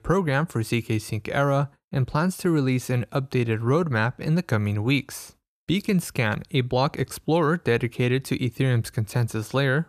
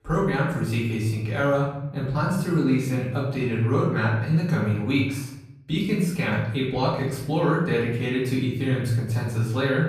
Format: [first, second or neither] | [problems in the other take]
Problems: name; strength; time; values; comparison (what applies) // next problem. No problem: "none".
first | off-mic speech; far // room echo; noticeable; dies away in 0.8 s